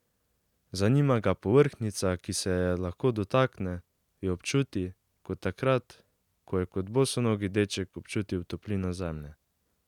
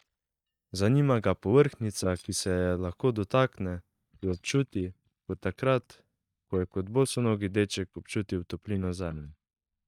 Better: first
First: none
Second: noise reduction (neural mask model DeepFilterNet 3)

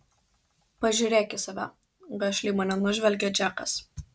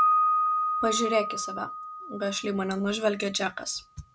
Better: first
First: none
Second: background sound (Piano); 1 dB above the speech

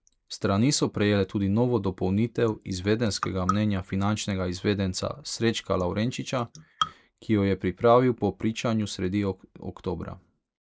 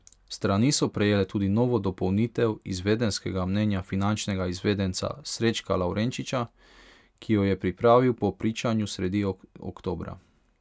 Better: second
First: noise reduction (neural mask model Resemble Enhance denoiser)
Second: none

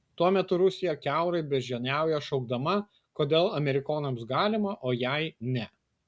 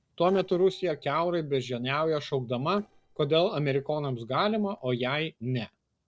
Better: first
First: none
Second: noise reduction (neural separator model SepFormer DNS4)

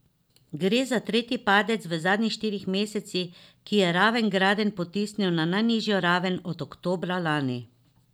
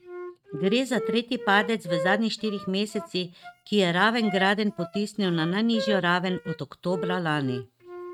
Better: first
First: none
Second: noise reduction (neural mask model RNNoise)

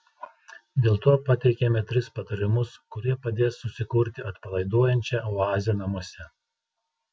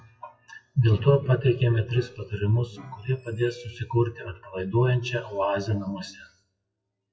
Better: first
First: none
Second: noise reduction (classical method WPE with log-MMSE)

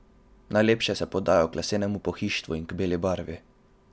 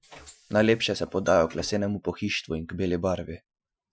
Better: first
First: none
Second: noise reduction (classical method Wiener filter)

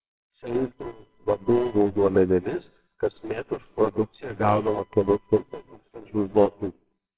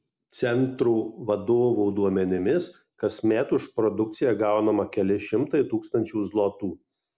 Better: second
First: noise reduction (neural separator model SepFormer WHAMR!)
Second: none

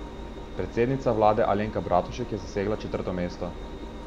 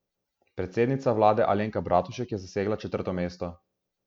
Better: second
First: background sound (Engine); 10 dB below the speech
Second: none

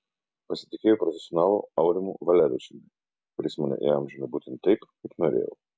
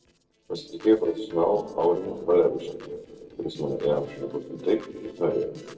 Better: first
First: none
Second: noise reduction (neural separator model SepFormer DNS4)

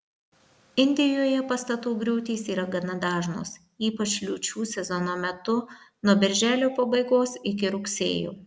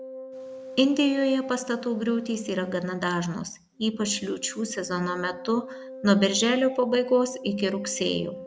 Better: first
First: none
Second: background sound (Wind instrument, woodwind instrument); 15 dB below the speech

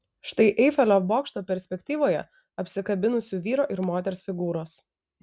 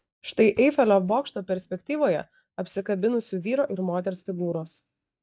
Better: first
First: none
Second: noise reduction (neural mask model DeepFilterNet 3)

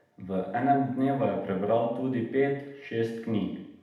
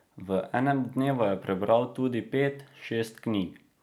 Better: second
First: room echo; dies away in 0.8 s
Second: none

